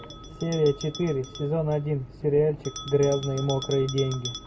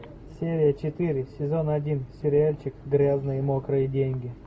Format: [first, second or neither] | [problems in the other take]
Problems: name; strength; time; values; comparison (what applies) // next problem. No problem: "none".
second | background sound (Bell); 15 dB below the speech